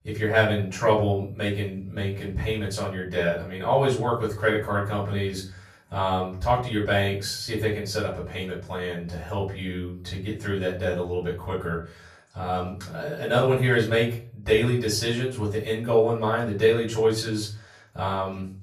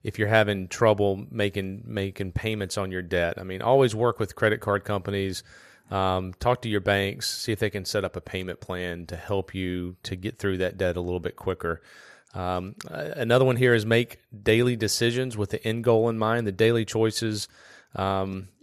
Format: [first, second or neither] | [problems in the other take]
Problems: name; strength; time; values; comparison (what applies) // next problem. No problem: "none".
second | off-mic speech; far // room echo; slight; dies away in 0.4 s